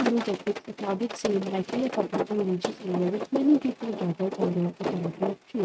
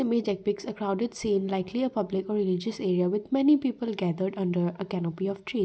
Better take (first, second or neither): second